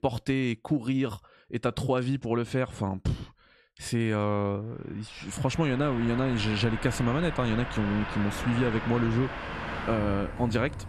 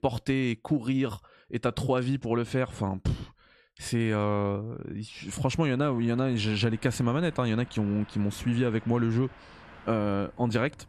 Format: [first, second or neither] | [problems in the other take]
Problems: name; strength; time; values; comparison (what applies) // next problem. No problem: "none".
second | traffic noise; loud; from 5 s on; 7 dB below the speech; faint in the second